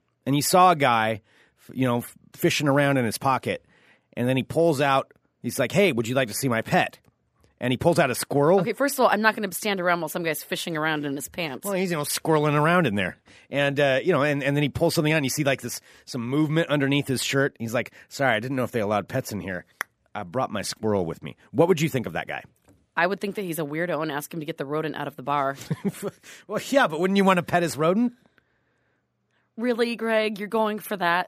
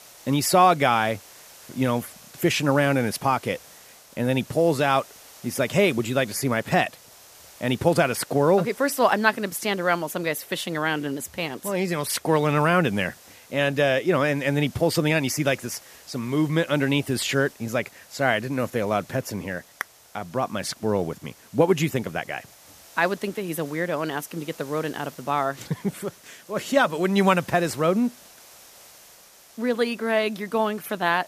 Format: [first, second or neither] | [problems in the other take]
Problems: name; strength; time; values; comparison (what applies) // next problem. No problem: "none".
first | hiss; faint; throughout; 25 dB below the speech